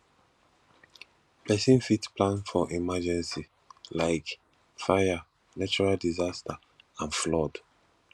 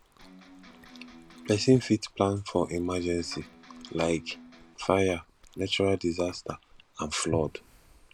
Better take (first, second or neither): first